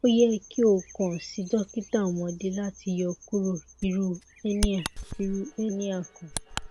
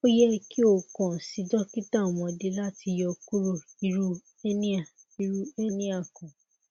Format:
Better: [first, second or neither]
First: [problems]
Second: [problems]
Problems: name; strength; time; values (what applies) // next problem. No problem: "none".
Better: second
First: background sound (Bird vocalization, bird call, bird song); 12 dB below the speech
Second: none